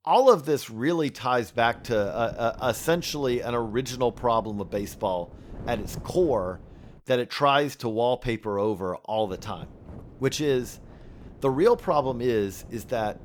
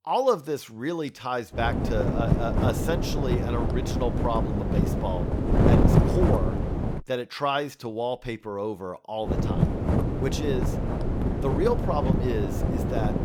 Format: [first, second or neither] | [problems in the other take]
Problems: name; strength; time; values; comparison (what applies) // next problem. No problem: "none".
first | wind noise on the microphone; heavy; from 1.5 to 7 s and from 9.5 s on; 1 dB below the speech; occasional gusts in the first